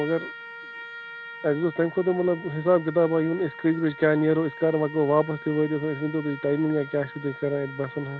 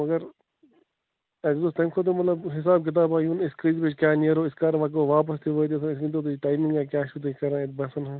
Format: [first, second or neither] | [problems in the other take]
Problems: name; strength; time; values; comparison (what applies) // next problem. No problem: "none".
second | background sound (Trumpet); 15 dB below the speech